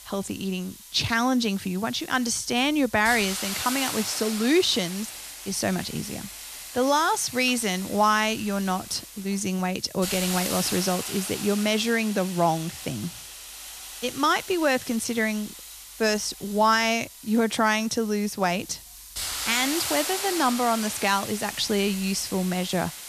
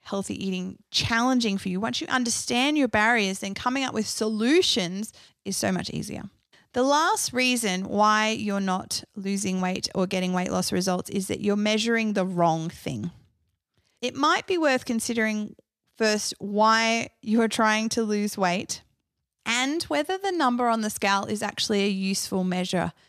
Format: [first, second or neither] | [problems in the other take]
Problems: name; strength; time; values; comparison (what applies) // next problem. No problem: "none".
second | hiss; loud; throughout; 9 dB below the speech